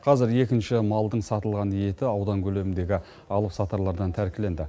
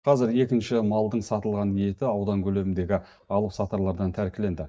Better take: first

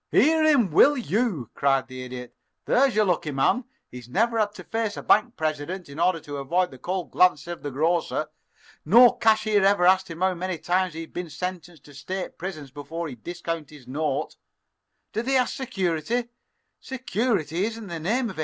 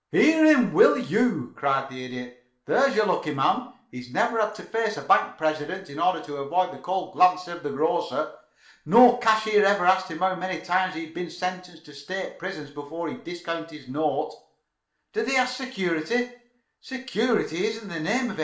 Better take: first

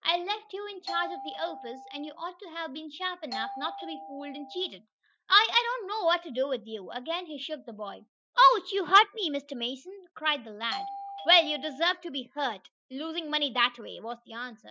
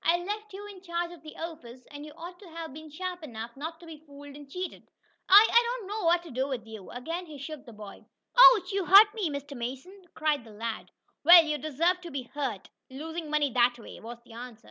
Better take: second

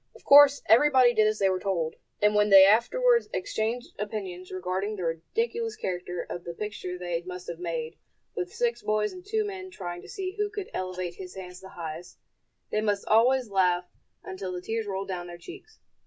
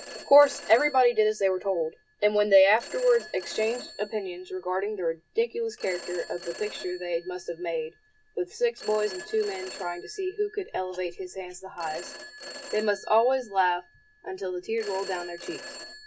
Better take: first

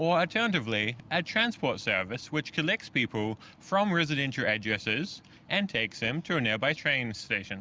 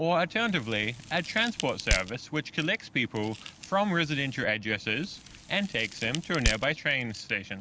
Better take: first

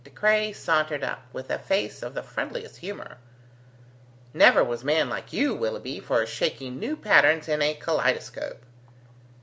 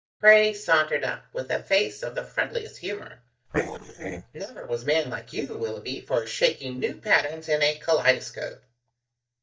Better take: first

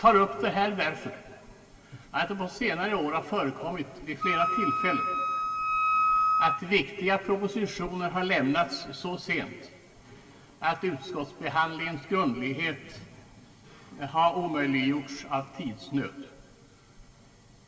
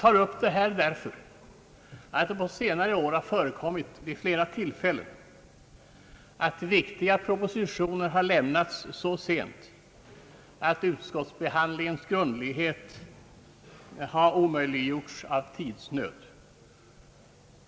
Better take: second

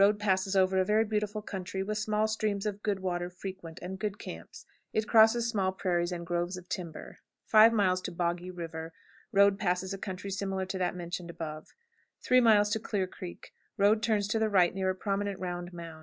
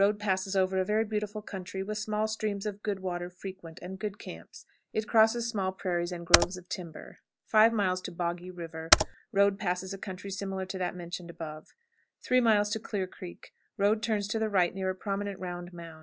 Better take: first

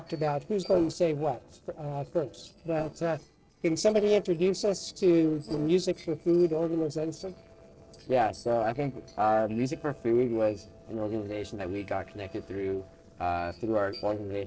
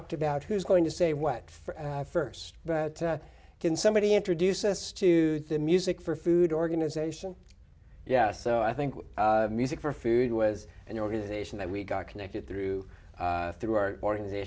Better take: second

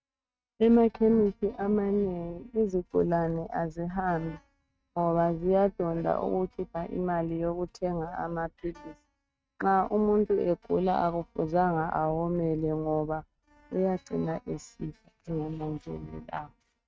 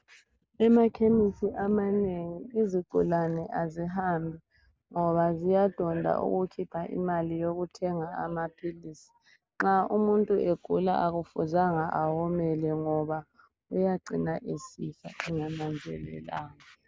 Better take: second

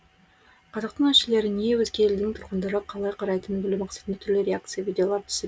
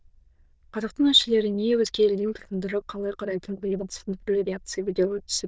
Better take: first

